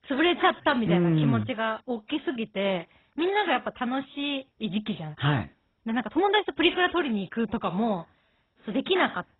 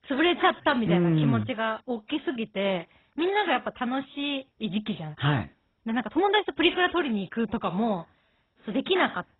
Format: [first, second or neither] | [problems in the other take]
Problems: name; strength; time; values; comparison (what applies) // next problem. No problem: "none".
neither | garbled, watery; badly; nothing above 4 kHz; the same in both